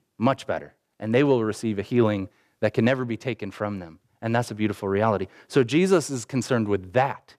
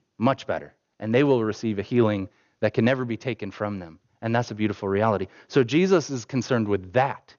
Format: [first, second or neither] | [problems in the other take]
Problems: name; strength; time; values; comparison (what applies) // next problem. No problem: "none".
first | garbled, watery; slightly; nothing above 6.5 kHz